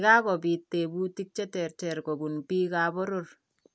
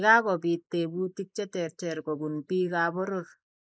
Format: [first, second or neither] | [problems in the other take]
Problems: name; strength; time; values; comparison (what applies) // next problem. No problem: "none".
first | noise reduction (neural mask model Resemble Enhance denoiser)